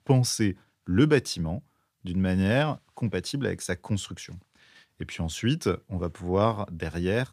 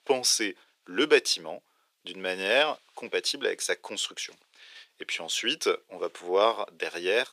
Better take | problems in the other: first | thin; very; fading below 400 Hz

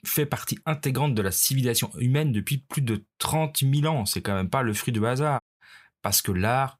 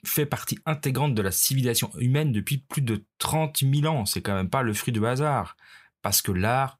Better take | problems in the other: second | audio cutting out; at 5.5 s

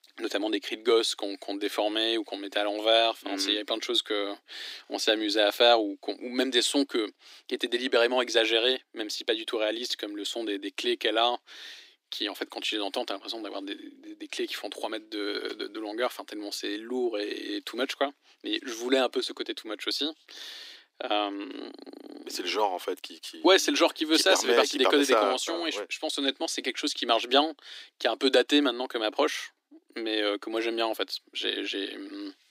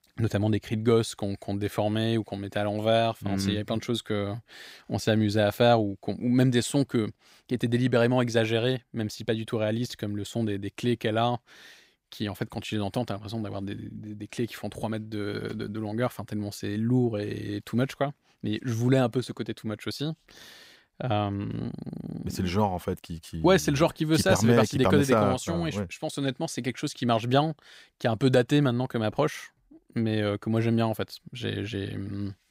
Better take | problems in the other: second | thin; somewhat; fading below 300 Hz

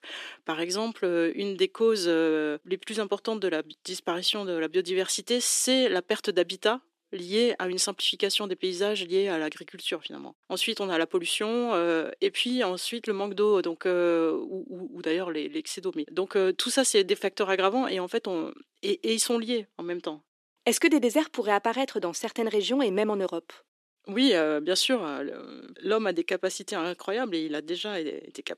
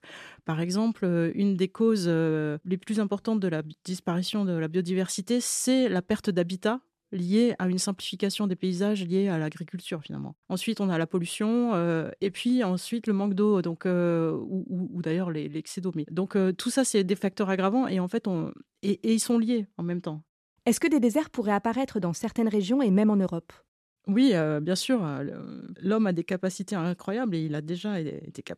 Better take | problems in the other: second | thin; somewhat; fading below 300 Hz

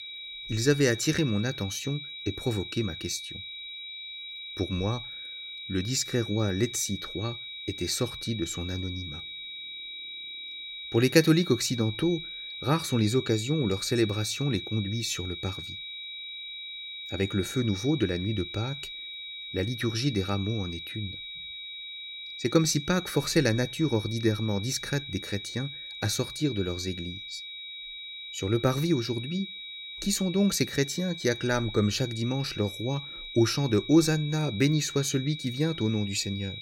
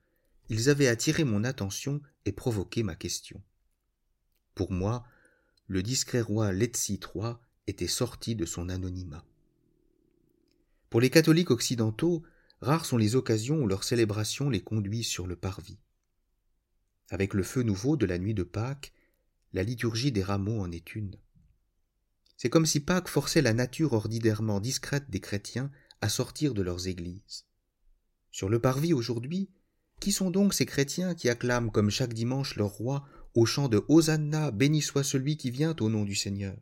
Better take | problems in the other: second | high-pitched whine; loud; throughout; 4 kHz, 9 dB below the speech

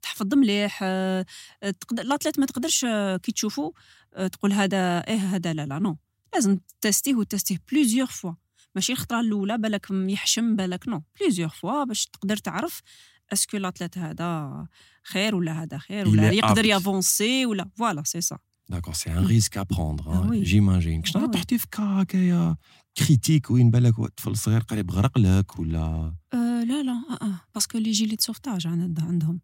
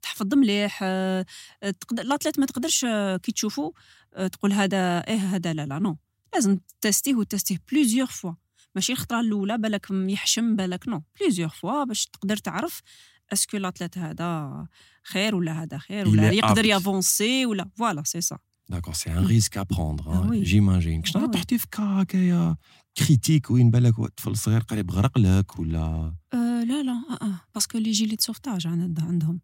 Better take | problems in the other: neither | none

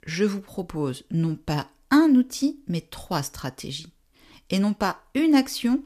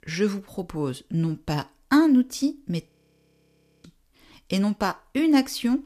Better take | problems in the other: first | audio freezing; at 3 s for 1 s

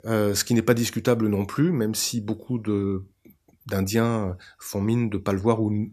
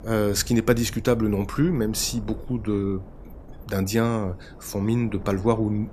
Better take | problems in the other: first | wind noise on the microphone; occasional gusts; 20 dB below the speech

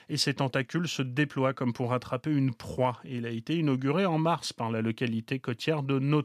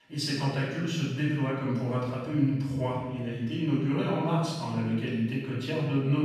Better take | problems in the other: first | off-mic speech; far // room echo; strong; dies away in 1.2 s

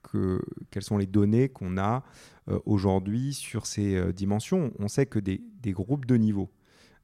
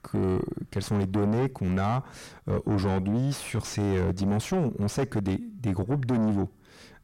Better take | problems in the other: first | distortion; heavy; 5 dB below the speech

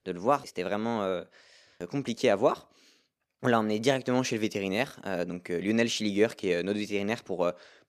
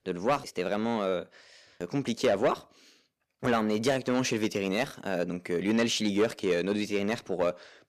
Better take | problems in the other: first | distortion; slight; 10 dB below the speech

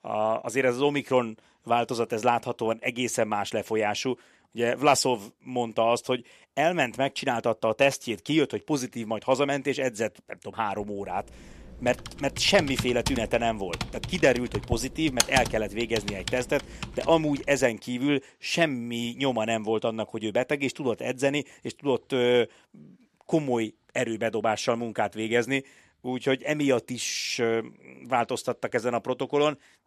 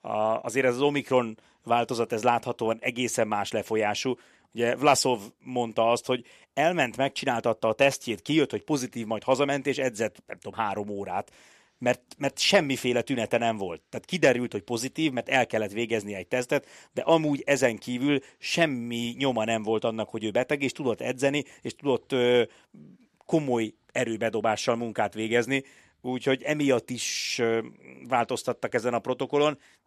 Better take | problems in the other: second | keyboard typing; loud; from 12 to 17 s; peak 2 dB above the speech

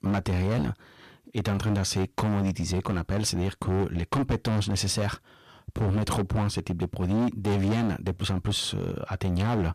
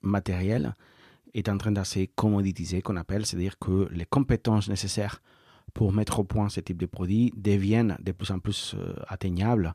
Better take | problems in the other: second | distortion; heavy; 19% of the sound clipped

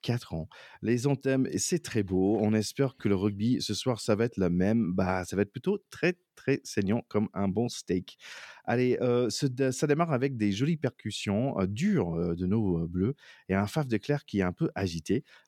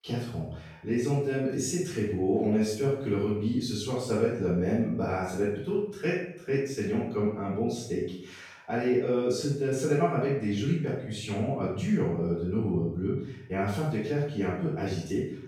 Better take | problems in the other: first | off-mic speech; far // room echo; noticeable; dies away in 0.6 s

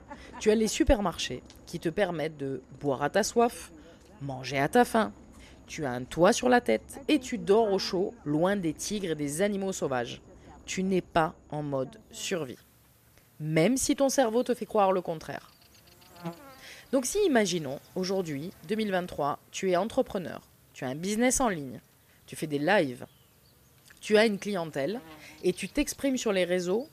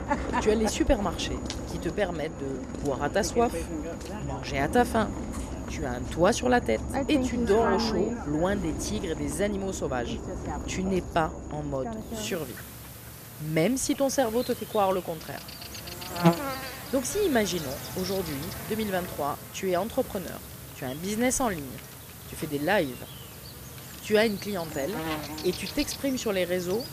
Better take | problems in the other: first | animal sounds; loud; throughout; 6 dB below the speech; faint in the first

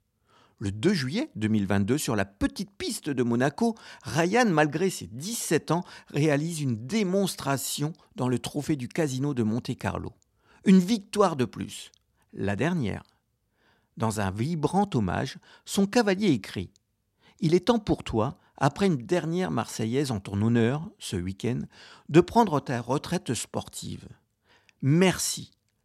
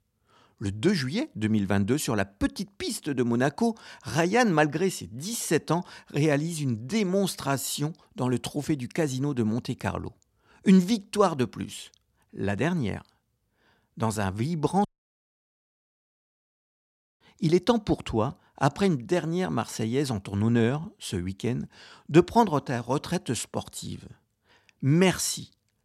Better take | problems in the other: first | audio cutting out; at 15 s for 2.5 s

